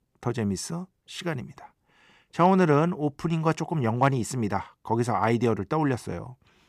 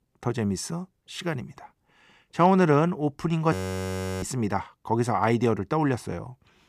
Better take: first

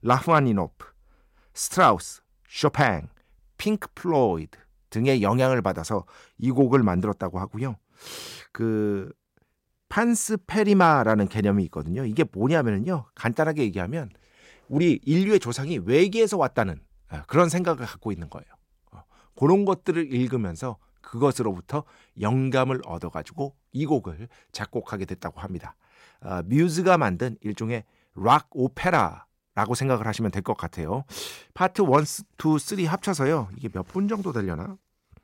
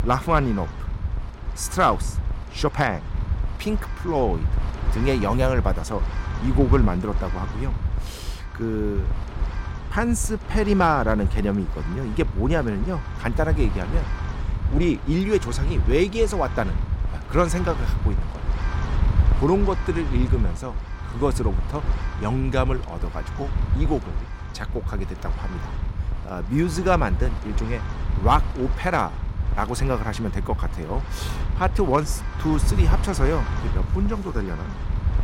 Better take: first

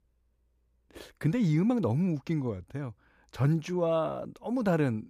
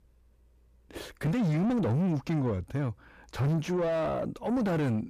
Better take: first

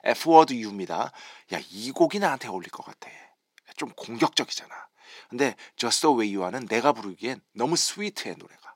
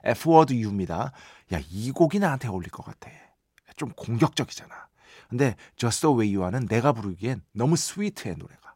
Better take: second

